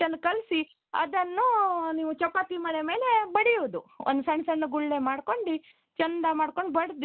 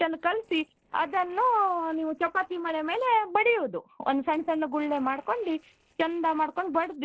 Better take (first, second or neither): first